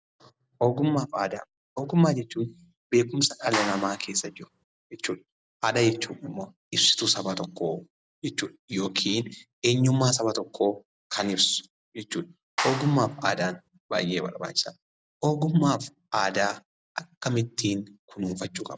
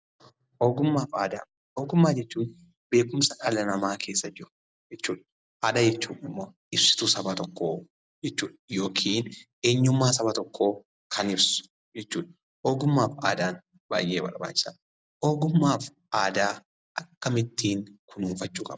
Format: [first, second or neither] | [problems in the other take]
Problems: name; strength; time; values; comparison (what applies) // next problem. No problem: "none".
second | background sound (Clapping); 6 dB below the speech